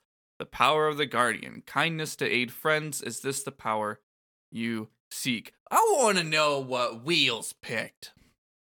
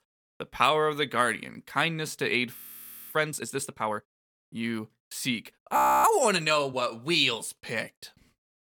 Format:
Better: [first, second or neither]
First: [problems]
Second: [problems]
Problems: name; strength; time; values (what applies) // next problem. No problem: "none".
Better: first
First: none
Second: audio freezing; at 2.5 s for 0.5 s and at 6 s